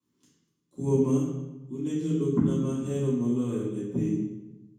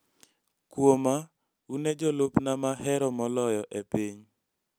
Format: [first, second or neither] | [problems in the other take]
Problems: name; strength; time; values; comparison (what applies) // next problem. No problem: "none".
second | room echo; dies away in 1.1 s